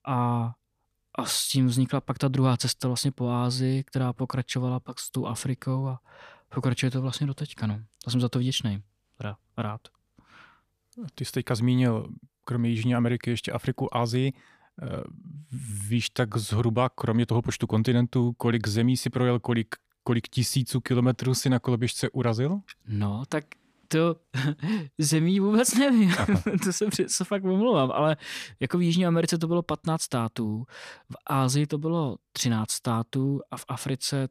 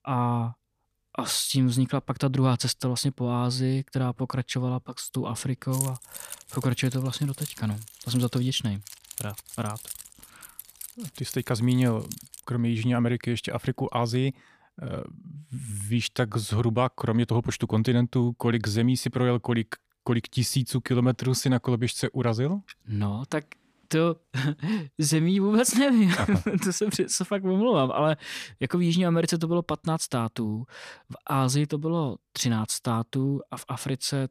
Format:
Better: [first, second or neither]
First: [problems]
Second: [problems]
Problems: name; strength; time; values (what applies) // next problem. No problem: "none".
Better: first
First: none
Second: jangling keys; noticeable; from 5.5 to 12 s; peak 6 dB below the speech